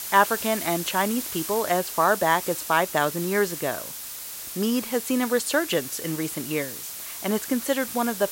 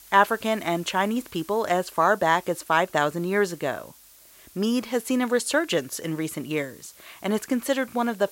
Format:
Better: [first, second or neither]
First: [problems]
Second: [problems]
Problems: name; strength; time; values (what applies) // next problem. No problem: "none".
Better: second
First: hiss; loud; throughout; 7 dB below the speech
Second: hiss; faint; throughout; 25 dB below the speech